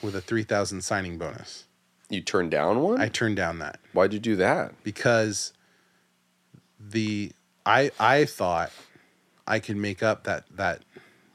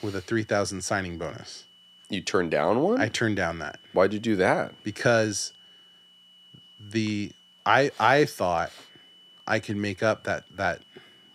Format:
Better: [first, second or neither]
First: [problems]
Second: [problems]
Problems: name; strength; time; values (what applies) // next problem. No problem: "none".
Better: first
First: none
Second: high-pitched whine; faint; throughout; 3 kHz, 25 dB below the speech